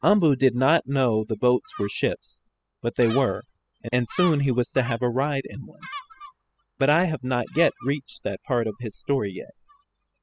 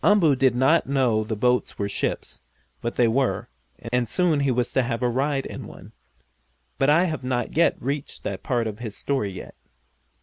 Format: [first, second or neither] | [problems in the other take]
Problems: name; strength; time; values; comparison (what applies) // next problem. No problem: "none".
second | noise reduction (classical method spectral subtraction)